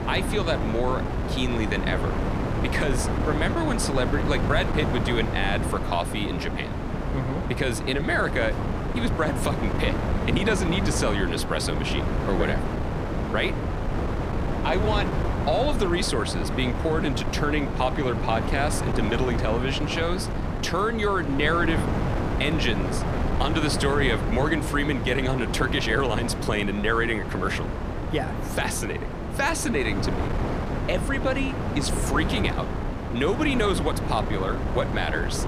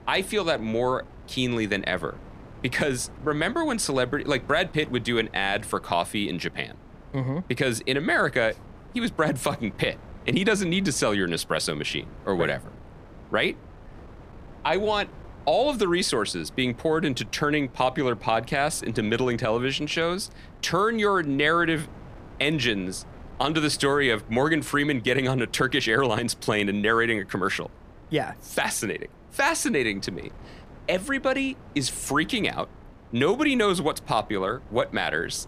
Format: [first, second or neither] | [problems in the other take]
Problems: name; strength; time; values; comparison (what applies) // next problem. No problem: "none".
second | wind noise on the microphone; heavy; 5 dB below the speech; occasional gusts in the second